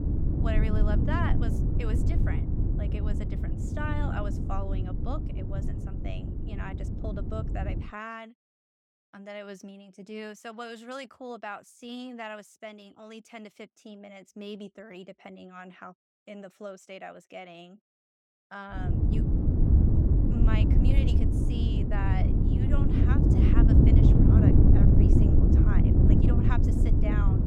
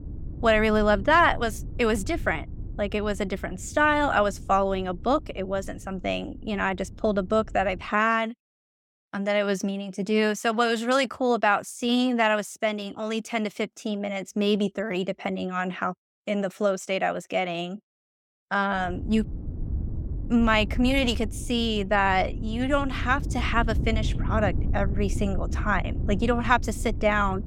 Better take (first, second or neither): second